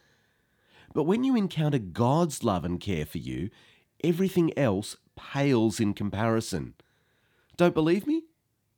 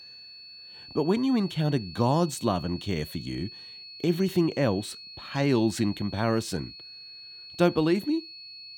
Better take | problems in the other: first | high-pitched whine; noticeable; throughout; 4.5 kHz, 15 dB below the speech

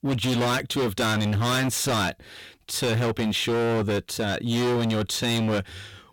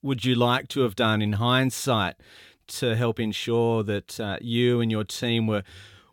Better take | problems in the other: second | distortion; heavy; 31% of the sound clipped

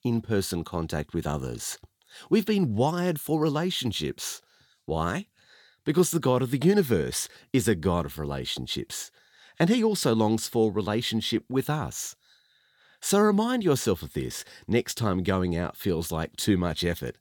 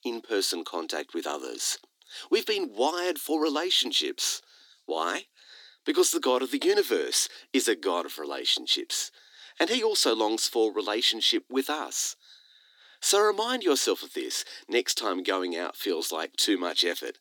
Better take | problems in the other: first | thin; somewhat; fading below 250 Hz

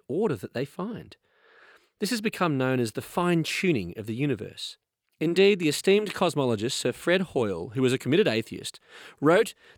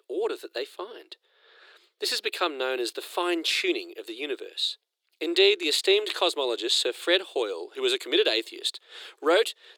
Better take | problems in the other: first | thin; very; fading below 350 Hz

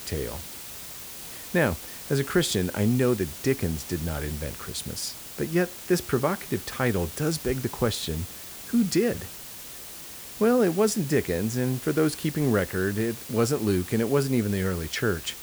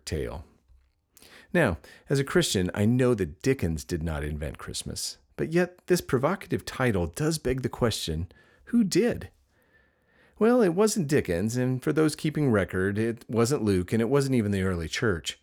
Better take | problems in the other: second | hiss; noticeable; throughout; 10 dB below the speech

